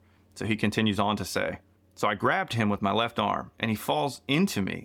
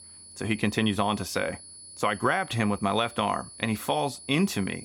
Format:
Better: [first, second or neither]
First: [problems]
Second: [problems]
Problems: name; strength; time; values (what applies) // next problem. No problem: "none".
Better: first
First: none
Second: high-pitched whine; noticeable; throughout; 10 kHz, 15 dB below the speech